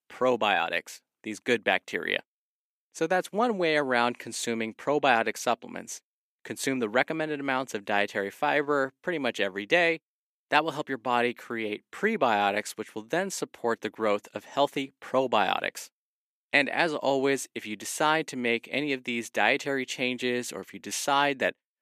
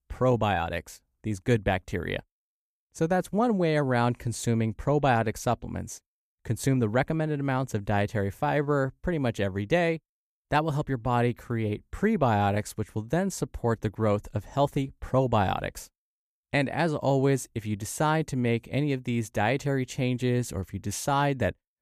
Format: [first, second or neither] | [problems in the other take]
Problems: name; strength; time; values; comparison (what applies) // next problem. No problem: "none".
second | thin; somewhat; fading below 250 Hz